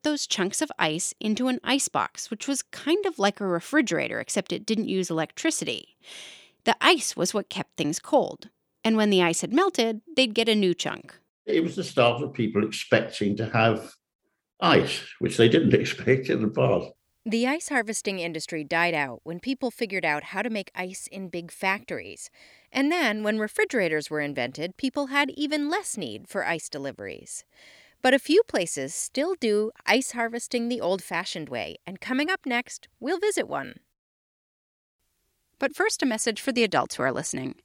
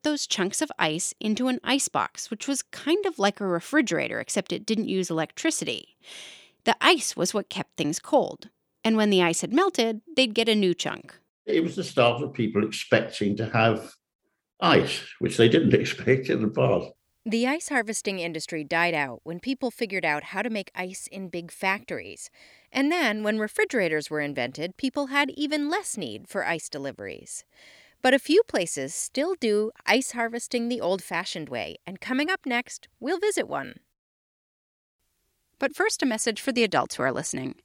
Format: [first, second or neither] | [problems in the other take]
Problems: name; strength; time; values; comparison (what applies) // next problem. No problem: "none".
neither | none